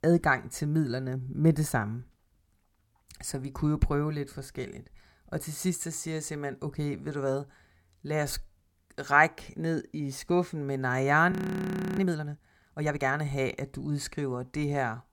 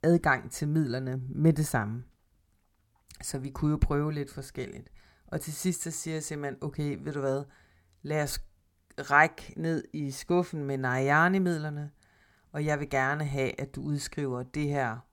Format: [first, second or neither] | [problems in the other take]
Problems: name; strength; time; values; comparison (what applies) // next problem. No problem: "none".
second | audio freezing; at 11 s for 0.5 s